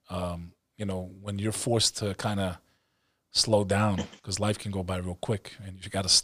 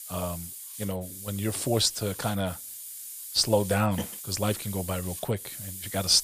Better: first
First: none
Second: hiss; loud; throughout; 9 dB below the speech

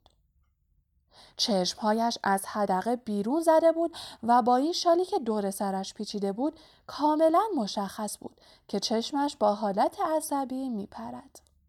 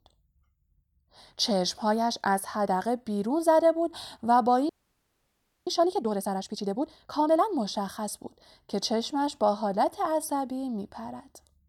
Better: first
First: none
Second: audio freezing; at 4.5 s for 1 s

